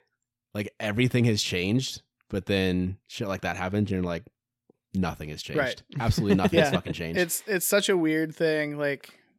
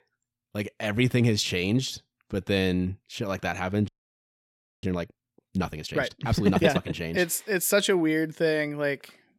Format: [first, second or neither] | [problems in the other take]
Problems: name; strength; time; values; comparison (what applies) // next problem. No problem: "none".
first | audio freezing; at 4 s for 1 s